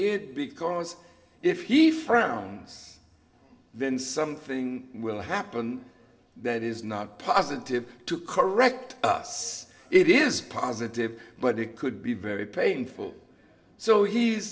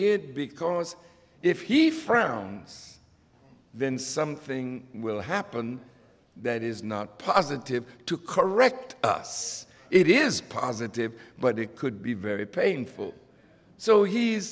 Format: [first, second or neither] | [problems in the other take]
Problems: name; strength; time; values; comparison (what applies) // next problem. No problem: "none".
second | room echo; dies away in 0.4 s